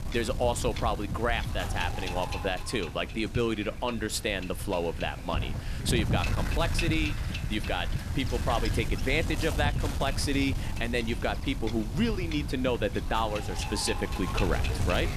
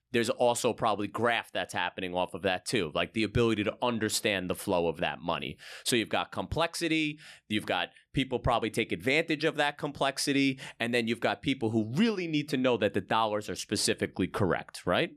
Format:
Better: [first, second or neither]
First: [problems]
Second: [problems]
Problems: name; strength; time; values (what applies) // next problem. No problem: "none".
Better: second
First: wind noise on the microphone; heavy; 8 dB below the speech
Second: none